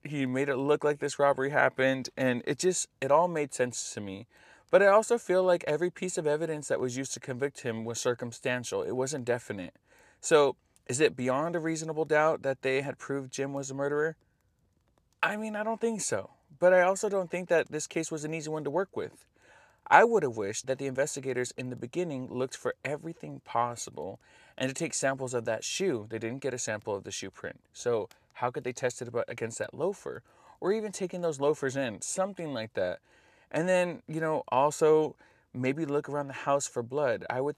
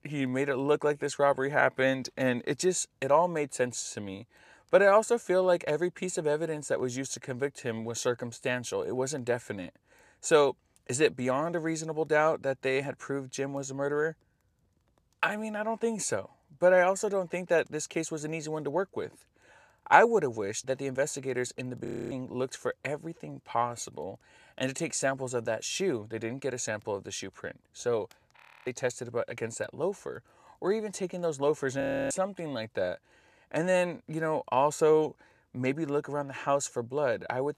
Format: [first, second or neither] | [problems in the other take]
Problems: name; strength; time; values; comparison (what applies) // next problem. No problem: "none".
first | audio freezing; at 22 s, at 28 s and at 32 s